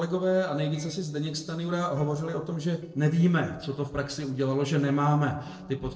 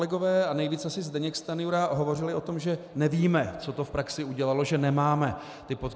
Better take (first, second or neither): second